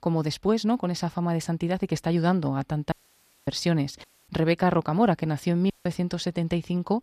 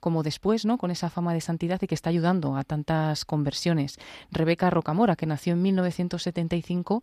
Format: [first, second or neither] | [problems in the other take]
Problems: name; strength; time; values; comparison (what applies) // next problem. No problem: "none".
second | audio cutting out; at 3 s for 0.5 s, at 4 s and at 5.5 s